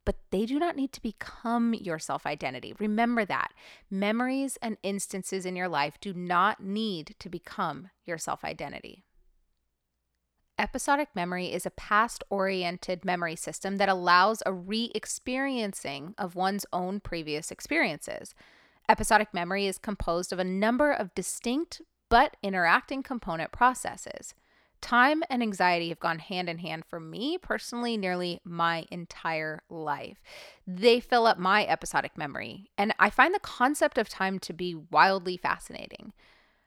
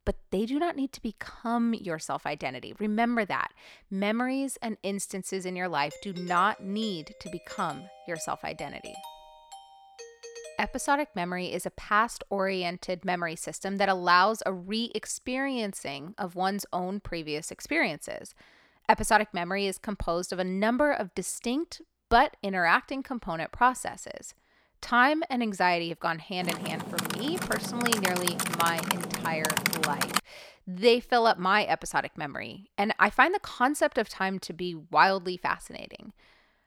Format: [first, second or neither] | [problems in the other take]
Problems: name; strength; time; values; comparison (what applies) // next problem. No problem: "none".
first | doorbell; faint; from 6 to 11 s; peak 15 dB below the speech // keyboard typing; loud; from 26 to 30 s; peak 2 dB above the speech